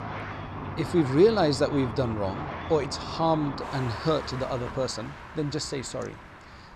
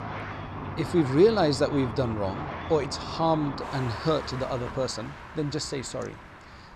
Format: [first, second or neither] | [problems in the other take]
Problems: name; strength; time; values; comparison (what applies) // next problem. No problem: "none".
neither | traffic noise; loud; throughout; 10 dB below the speech; the same in both